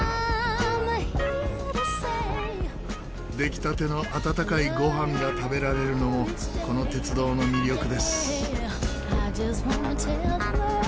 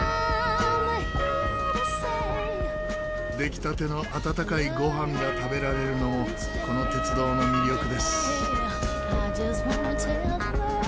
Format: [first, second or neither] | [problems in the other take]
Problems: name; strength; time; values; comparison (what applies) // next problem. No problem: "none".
first | background sound (Wind instrument, woodwind instrument); 4 dB below the speech